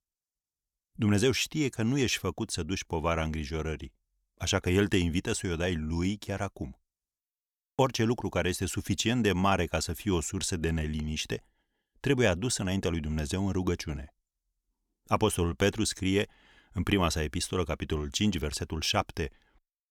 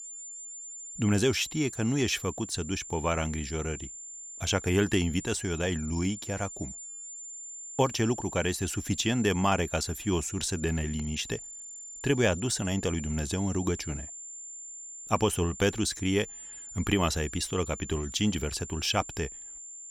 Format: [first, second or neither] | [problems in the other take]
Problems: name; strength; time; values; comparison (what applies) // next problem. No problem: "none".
first | high-pitched whine; noticeable; throughout; 7 kHz, 10 dB below the speech